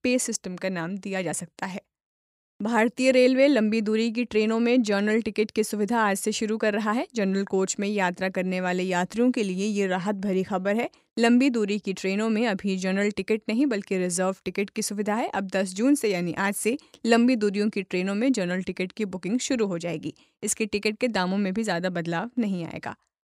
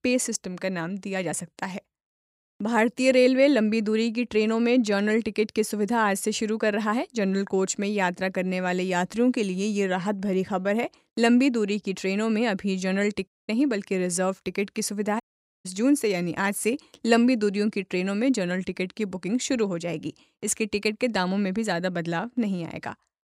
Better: first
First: none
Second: audio cutting out; at 13 s and at 15 s

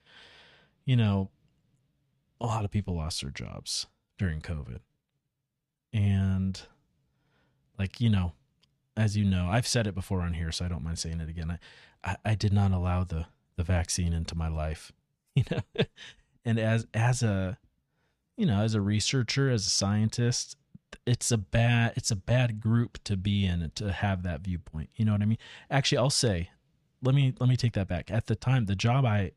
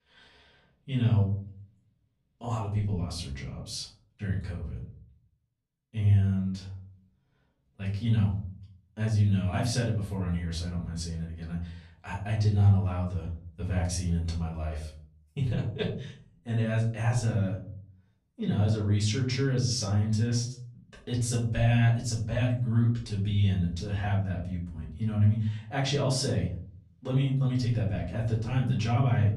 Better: first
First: none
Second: off-mic speech; far // room echo; slight; dies away in 0.5 s

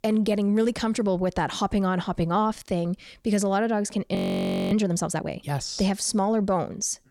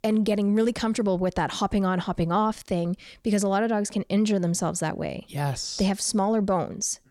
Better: second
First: audio freezing; at 4 s for 0.5 s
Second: none

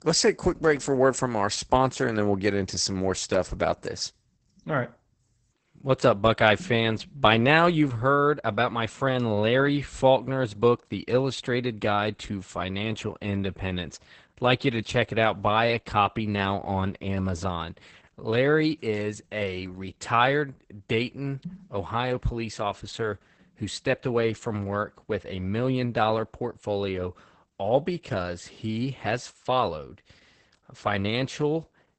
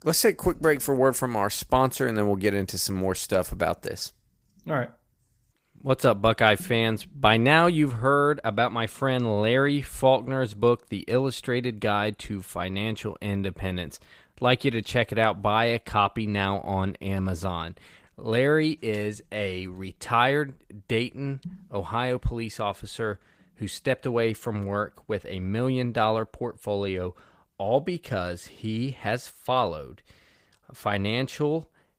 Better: second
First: garbled, watery; badly; nothing above 8 kHz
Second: garbled, watery; slightly; nothing above 15.5 kHz

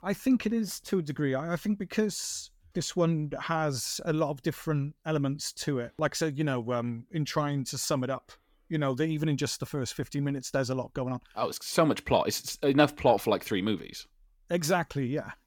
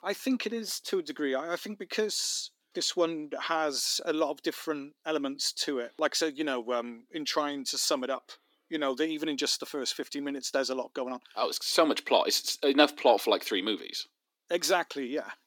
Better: first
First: none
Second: thin; very slightly; fading below 300 Hz

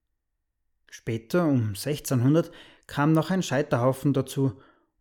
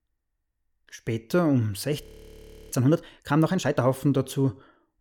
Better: first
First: none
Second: audio freezing; at 2 s for 0.5 s

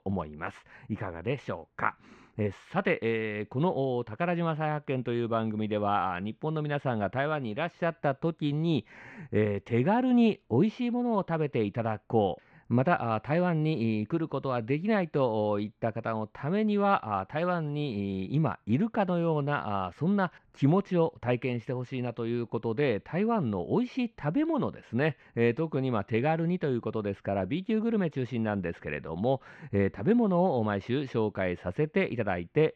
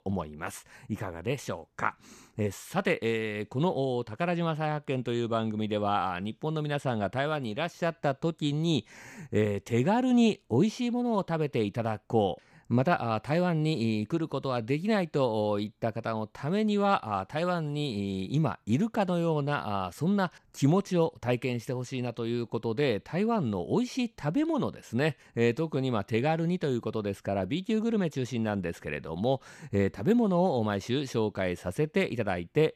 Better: second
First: muffled; slightly; fading above 2.5 kHz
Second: none

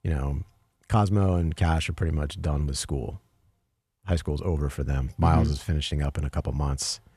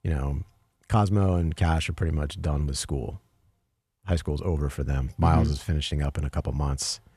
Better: neither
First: none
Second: none

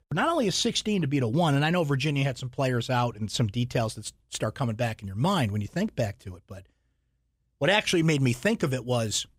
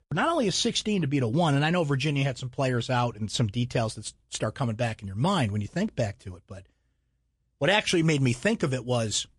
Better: first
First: none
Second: garbled, watery; slightly

